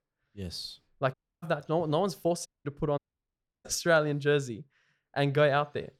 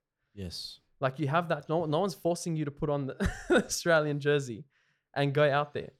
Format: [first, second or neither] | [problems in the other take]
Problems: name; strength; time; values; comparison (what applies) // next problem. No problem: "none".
second | audio cutting out; at 1 s, at 2.5 s and at 3 s for 0.5 s